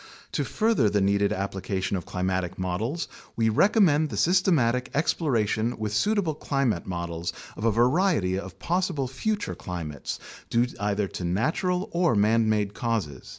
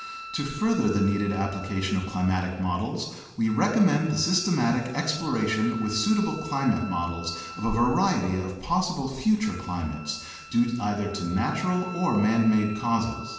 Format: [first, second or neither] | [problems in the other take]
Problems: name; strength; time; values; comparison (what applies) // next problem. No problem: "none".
first | background sound (Wind instrument, woodwind instrument); 16 dB below the speech // room echo; dies away in 1.1 s